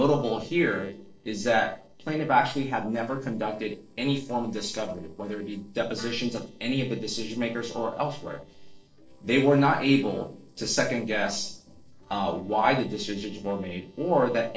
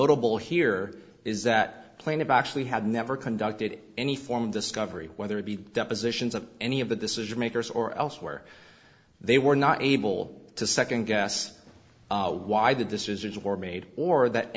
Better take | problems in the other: second | noise reduction (neural separator model SepFormer DNS4)

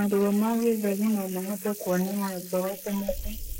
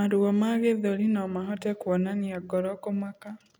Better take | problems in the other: second | noise reduction (neural mask model Resemble Enhance denoiser)

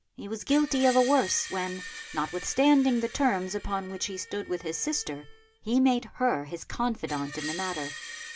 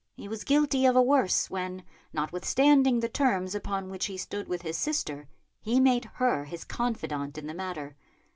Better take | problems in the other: second | background sound (Screech); 14 dB below the speech

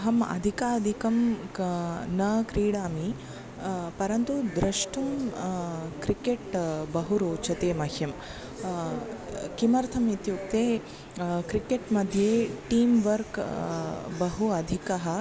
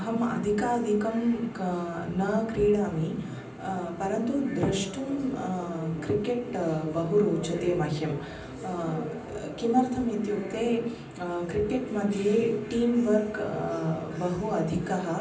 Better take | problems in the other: first | room echo; dies away in 0.6 s

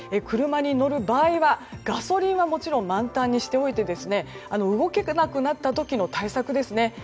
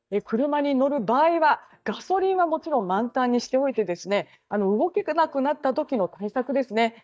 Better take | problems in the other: first | noise reduction (neural mask model DeepFilterNet 3)

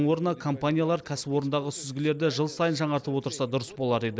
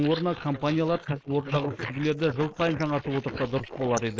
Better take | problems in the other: first | noise reduction (neural mask model Resemble Enhance denoiser)

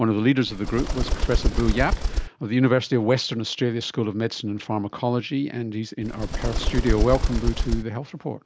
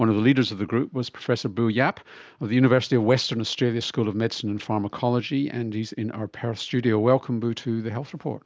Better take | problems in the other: second | background sound (Bird); 1 dB above the speech

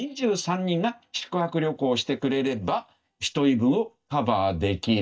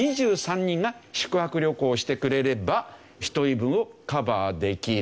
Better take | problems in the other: second | noise reduction (neural mask model DeepFilterNet 3)

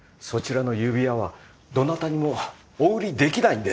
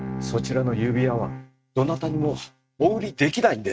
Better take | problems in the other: first | noise reduction (neural mask model RNNoise)

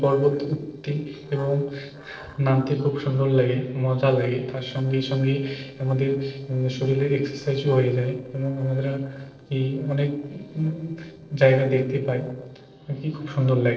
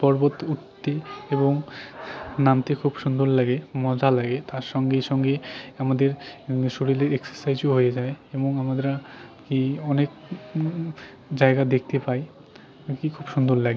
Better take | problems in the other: second | noise reduction (neural separator model SepFormer DNS4)

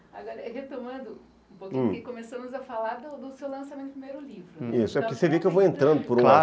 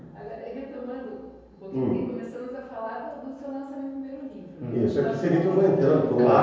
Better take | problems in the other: first | room echo; dies away in 1.2 s

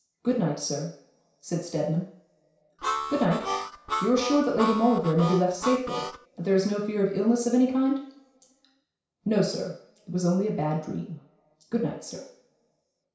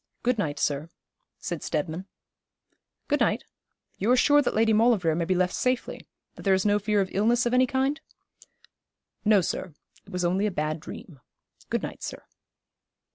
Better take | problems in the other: second | background sound (Harmonica); 5 dB below the speech // room echo; dies away in 0.6 s

